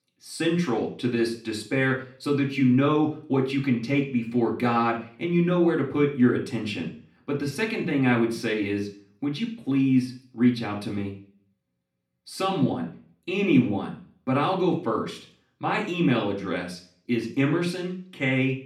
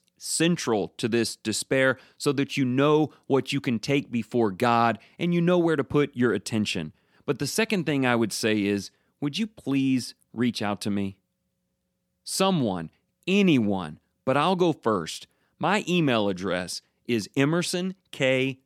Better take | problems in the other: second | room echo; slight; dies away in 0.5 s // off-mic speech; somewhat distant

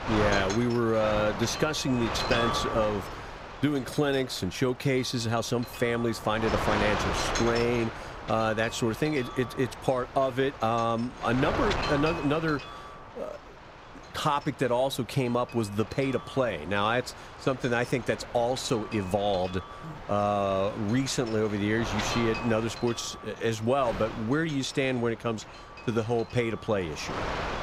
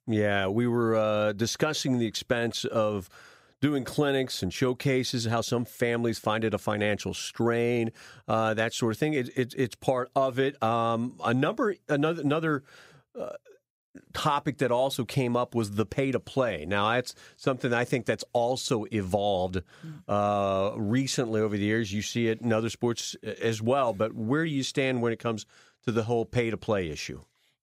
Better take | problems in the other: second | wind noise on the microphone; heavy; 6 dB below the speech

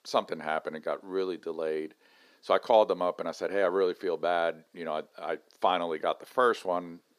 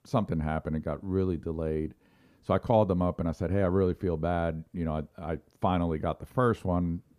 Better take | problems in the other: second | thin; very; fading below 400 Hz

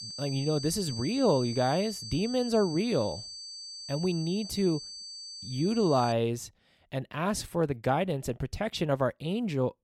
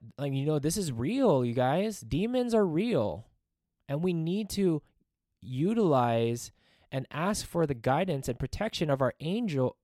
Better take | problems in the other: second | high-pitched whine; loud; until 6 s; 4.5 kHz, 9 dB below the speech

